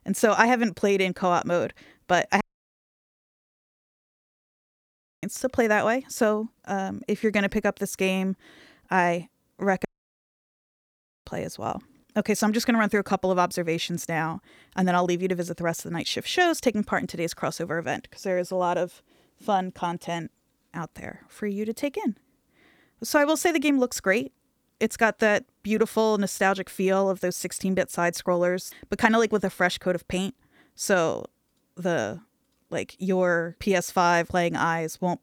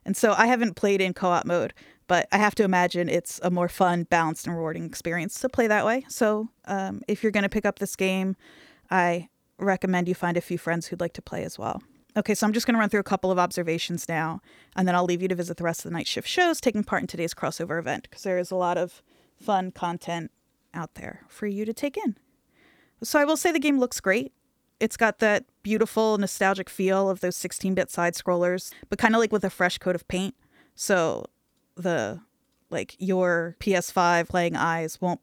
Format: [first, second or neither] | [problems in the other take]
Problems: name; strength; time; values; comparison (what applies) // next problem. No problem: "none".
second | audio cutting out; at 2.5 s for 3 s and at 10 s for 1.5 s